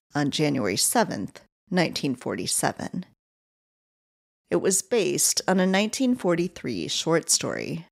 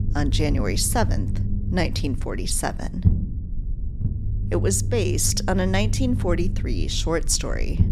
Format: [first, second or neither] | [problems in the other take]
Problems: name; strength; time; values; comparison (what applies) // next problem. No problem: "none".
first | low rumble; noticeable; throughout; 15 dB below the speech